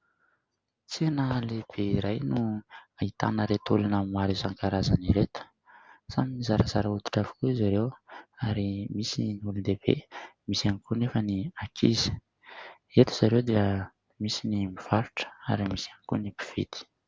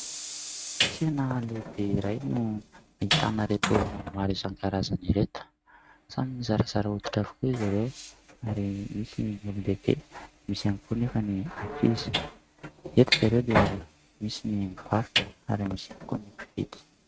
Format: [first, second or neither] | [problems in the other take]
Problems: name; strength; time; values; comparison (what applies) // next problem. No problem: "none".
first | noise reduction (neural mask model RNNoise)